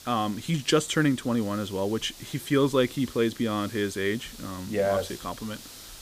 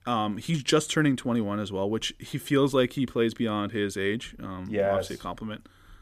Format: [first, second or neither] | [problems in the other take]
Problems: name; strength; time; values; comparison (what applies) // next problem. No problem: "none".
second | hiss; noticeable; throughout; 15 dB below the speech